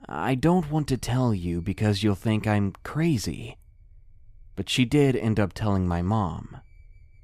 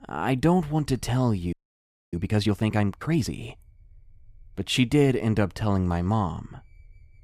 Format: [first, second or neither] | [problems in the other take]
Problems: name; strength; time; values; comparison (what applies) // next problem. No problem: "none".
first | audio freezing; at 1.5 s for 0.5 s